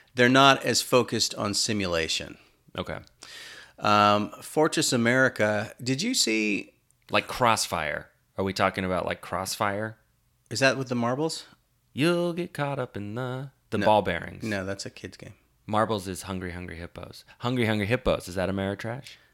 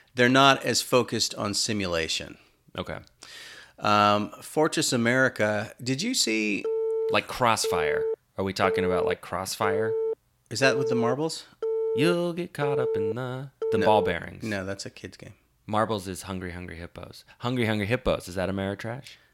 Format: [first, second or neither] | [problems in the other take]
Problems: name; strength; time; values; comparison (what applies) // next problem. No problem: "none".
first | phone ringing; noticeable; from 6.5 to 14 s; peak 1 dB below the speech